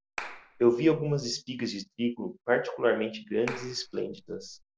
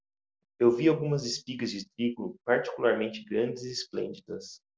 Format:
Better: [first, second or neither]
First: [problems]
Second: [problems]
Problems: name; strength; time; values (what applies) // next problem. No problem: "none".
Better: second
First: background sound (Clapping); 14 dB below the speech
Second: none